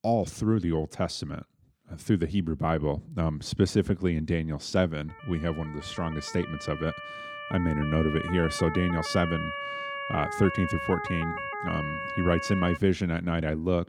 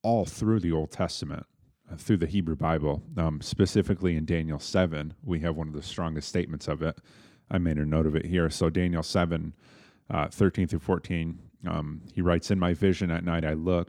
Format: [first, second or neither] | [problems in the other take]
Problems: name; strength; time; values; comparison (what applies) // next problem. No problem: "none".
second | siren; noticeable; from 5 to 13 s; peak 4 dB below the speech